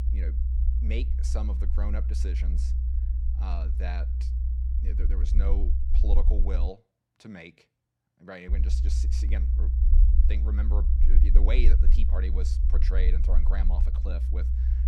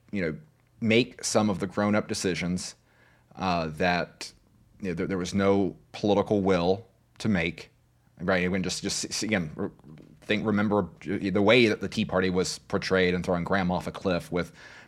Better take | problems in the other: second | low rumble; loud; until 6.5 s and from 8.5 s on; 5 dB below the speech

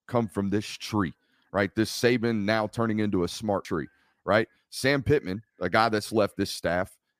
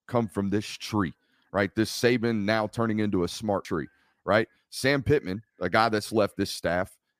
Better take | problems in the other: neither | none

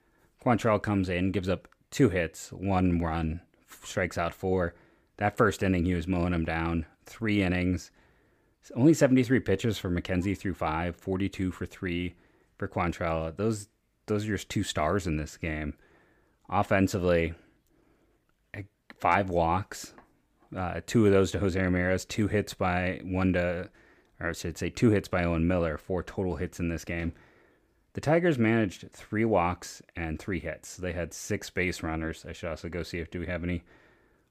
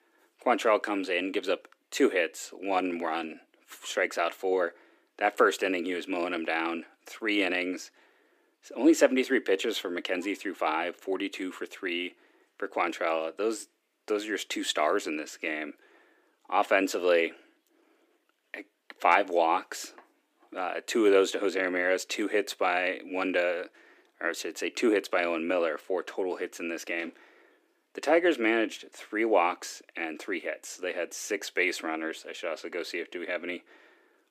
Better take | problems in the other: first | thin; somewhat; fading below 300 Hz

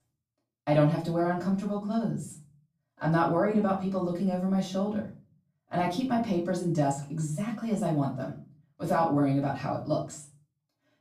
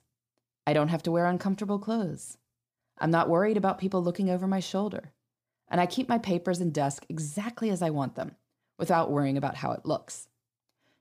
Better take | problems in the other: second | off-mic speech; far // room echo; slight; dies away in 0.4 s

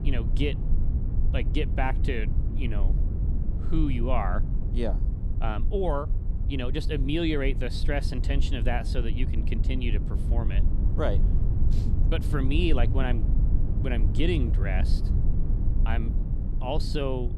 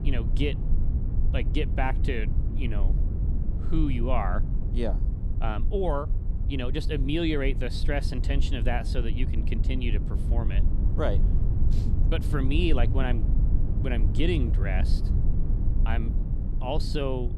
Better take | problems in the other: neither | low rumble; loud; throughout; 10 dB below the speech; the same in both

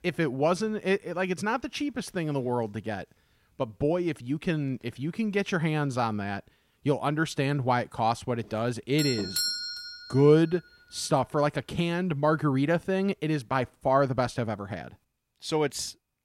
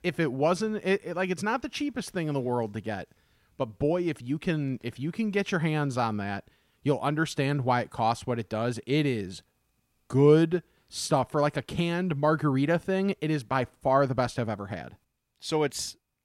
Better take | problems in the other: second | doorbell; loud; from 9 to 10 s; peak 1 dB above the speech

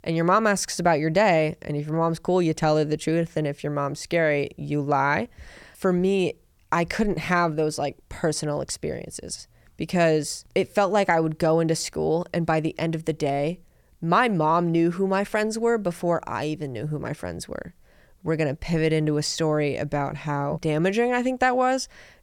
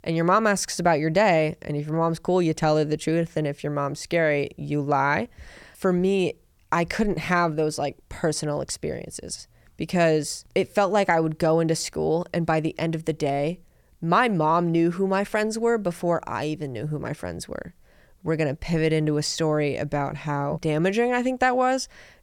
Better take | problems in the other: neither | none

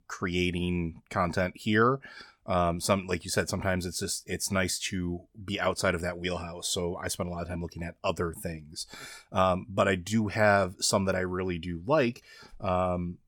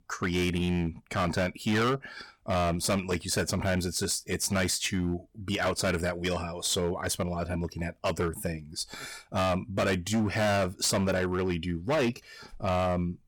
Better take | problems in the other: first | distortion; heavy; 12% of the sound clipped

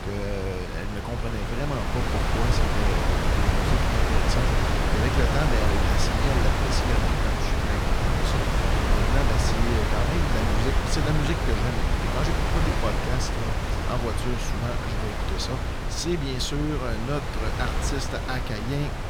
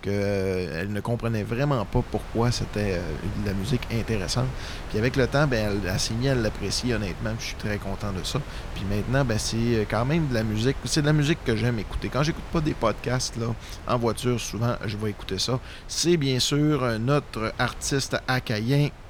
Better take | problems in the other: second | wind noise on the microphone; heavy; 5 dB above the speech; occasional gusts in the second

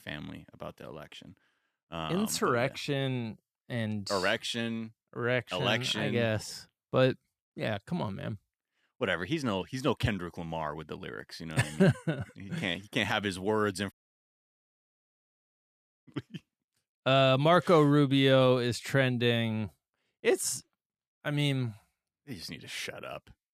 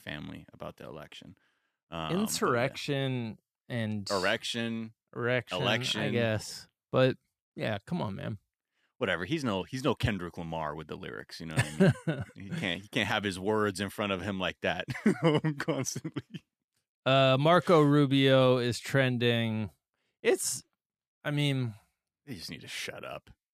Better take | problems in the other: second | audio cutting out; at 14 s for 2 s

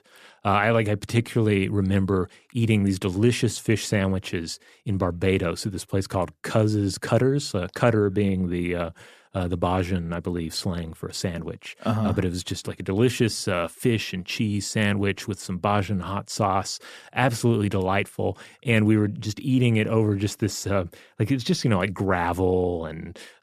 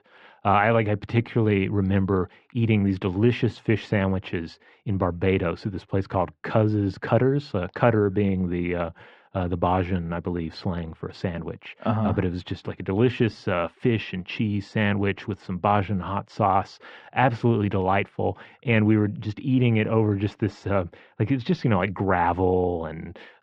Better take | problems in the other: first | muffled; very; fading above 3 kHz

